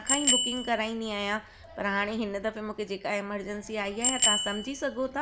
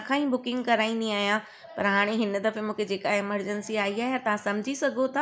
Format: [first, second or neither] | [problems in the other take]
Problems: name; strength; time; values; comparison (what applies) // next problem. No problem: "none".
second | background sound (Bicycle bell); as loud as the speech